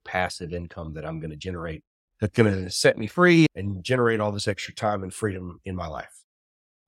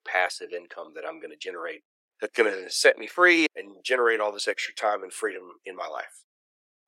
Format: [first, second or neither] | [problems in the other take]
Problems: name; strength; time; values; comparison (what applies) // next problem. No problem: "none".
first | thin; very; fading below 350 Hz